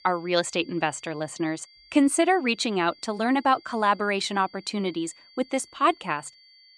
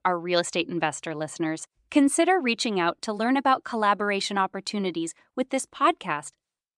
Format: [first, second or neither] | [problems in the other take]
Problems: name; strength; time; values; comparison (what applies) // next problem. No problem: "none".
second | high-pitched whine; faint; throughout; 4.5 kHz, 25 dB below the speech